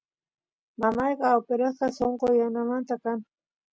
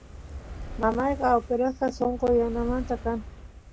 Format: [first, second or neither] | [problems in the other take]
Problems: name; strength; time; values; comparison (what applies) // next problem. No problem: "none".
first | background sound (Fire); 11 dB below the speech